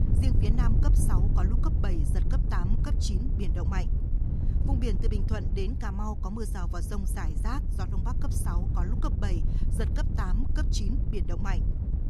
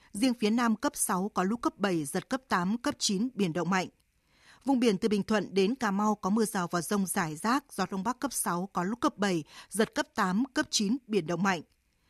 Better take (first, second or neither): second